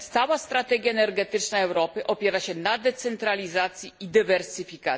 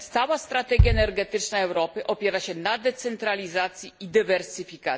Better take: first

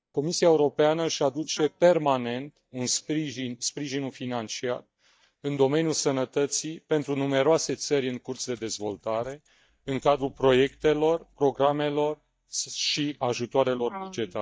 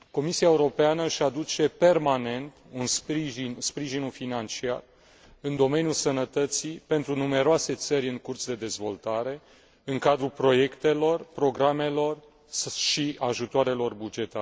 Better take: second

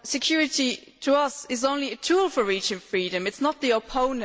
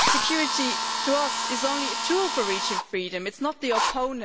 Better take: first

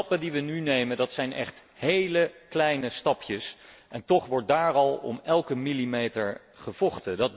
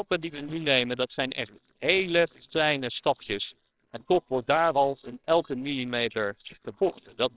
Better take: first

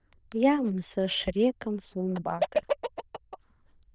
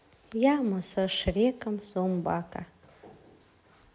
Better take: second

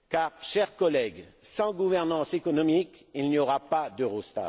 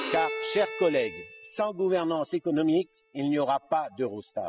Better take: first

